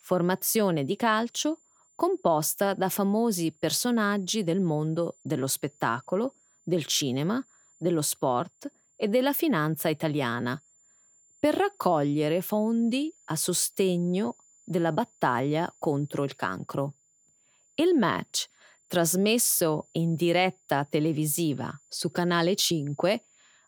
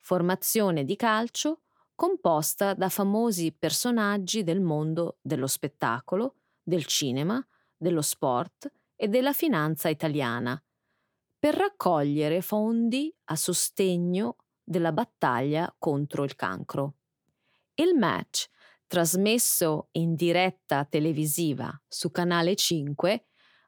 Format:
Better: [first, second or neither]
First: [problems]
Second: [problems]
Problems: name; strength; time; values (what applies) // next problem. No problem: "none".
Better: second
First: high-pitched whine; faint; throughout; 7 kHz, 35 dB below the speech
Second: none